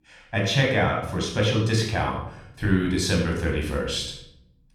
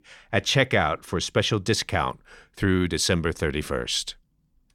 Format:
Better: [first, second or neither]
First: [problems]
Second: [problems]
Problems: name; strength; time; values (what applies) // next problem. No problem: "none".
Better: second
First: off-mic speech; far // room echo; noticeable; dies away in 0.7 s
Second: none